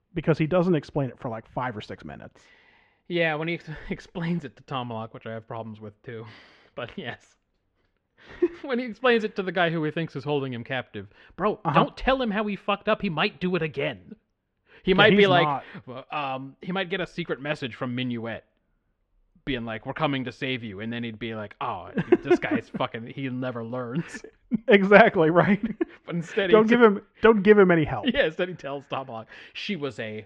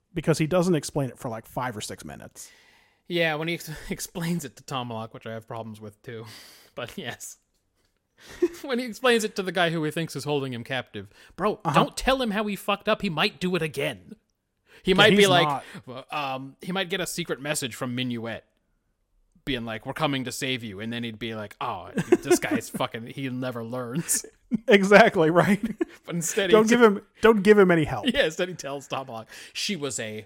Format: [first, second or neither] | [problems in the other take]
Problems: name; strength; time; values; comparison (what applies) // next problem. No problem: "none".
second | muffled; very; fading above 3 kHz